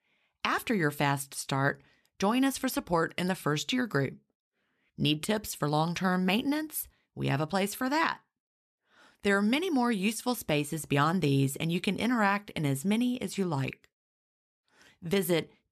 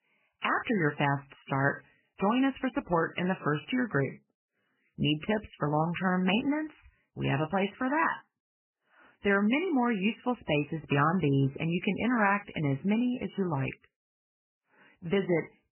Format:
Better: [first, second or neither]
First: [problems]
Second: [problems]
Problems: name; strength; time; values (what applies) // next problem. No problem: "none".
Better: first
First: none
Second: garbled, watery; badly; nothing above 3 kHz